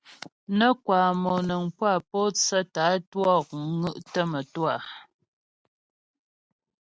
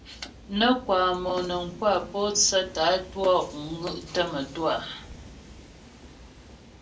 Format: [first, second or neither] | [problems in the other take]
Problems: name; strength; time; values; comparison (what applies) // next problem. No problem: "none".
first | background sound (Train); 18 dB below the speech // room echo; dies away in 0.2 s